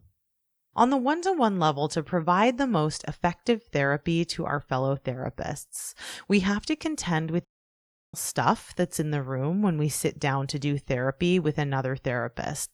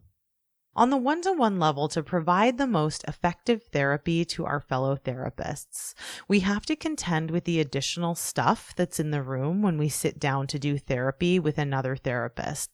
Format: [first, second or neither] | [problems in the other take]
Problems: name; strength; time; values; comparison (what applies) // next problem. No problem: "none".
second | audio cutting out; at 7.5 s for 0.5 s